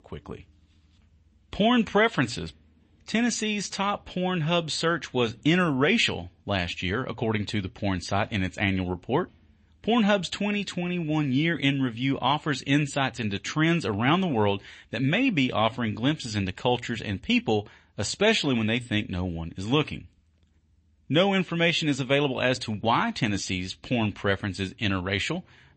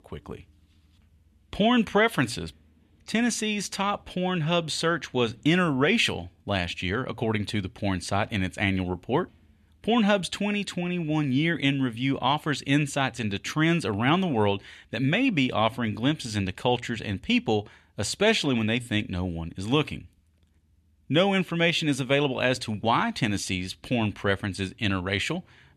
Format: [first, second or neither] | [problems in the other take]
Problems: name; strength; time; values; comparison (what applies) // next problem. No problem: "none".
second | garbled, watery; slightly; nothing above 8 kHz